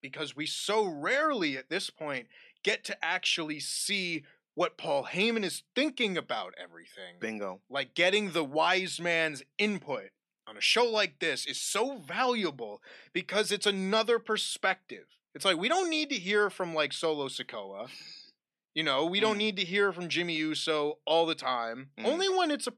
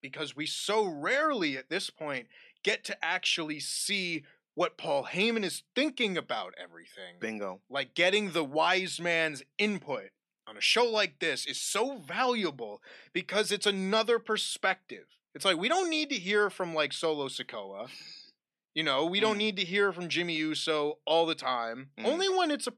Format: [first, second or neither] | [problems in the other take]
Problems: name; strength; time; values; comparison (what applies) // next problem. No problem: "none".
neither | thin; somewhat; fading below 250 Hz; the same in both